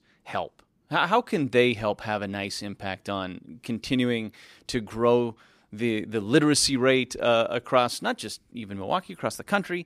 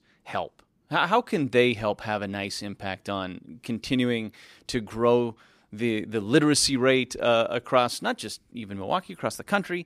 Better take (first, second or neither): neither